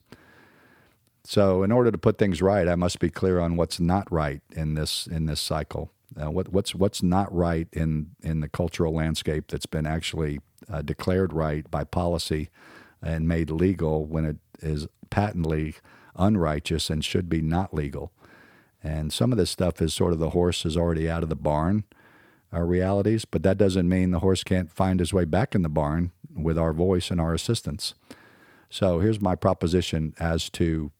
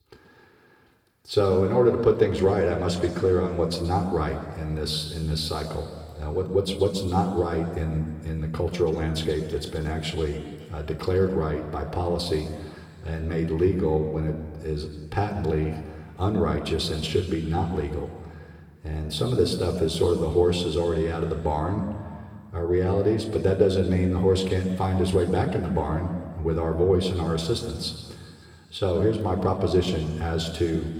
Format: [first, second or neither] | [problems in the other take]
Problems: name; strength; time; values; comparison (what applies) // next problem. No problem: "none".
first | room echo; noticeable; dies away in 2 s // off-mic speech; somewhat distant